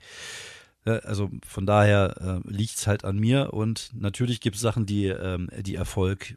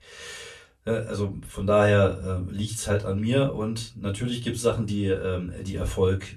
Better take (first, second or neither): first